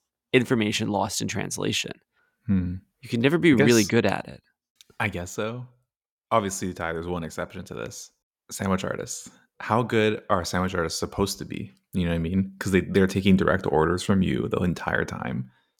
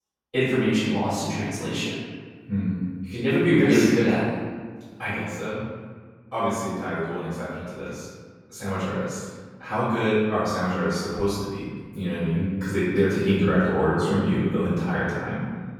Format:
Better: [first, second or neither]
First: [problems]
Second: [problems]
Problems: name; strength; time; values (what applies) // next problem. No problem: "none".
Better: first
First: none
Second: off-mic speech; far // room echo; strong; dies away in 1.4 s